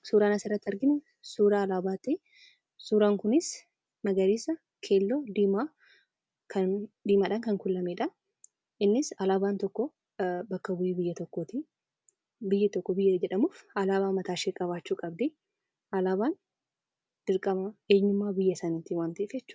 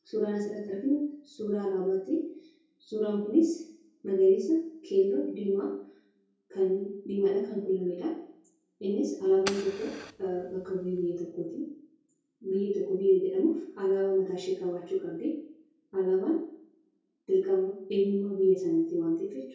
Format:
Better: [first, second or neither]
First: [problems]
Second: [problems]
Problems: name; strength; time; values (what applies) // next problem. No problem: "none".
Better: first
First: none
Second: background sound (Fire); 14 dB below the speech // room echo; dies away in 0.6 s